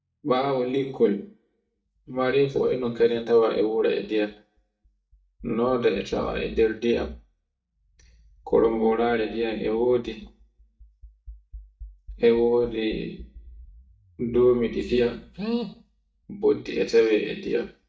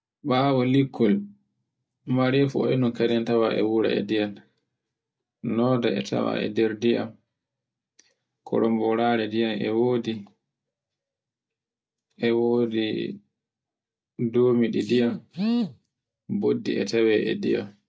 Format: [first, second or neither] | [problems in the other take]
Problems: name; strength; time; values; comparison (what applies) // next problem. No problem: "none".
second | noise reduction (neural mask model DeepFilterNet 3)